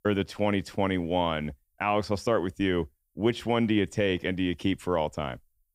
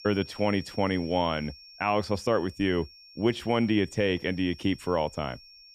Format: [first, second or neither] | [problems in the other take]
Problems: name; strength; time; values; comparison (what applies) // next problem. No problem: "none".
first | high-pitched whine; noticeable; throughout; 5.5 kHz, 20 dB below the speech